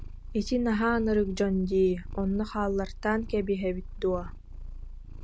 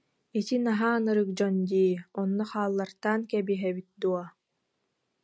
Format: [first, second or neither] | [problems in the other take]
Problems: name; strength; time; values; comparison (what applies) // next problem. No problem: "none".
second | background sound (Purr); 10 dB below the speech